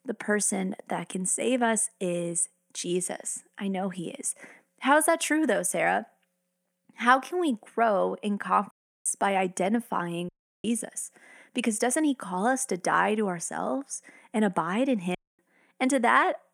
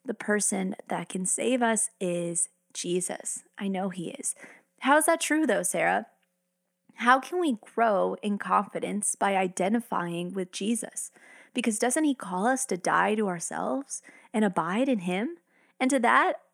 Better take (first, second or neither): second